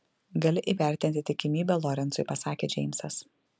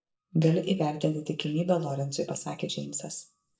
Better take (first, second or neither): first